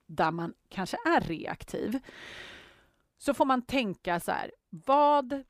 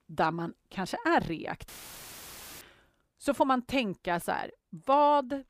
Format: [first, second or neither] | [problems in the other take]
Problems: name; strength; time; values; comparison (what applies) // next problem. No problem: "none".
first | audio cutting out; filled with static; at 1.5 s for 1 s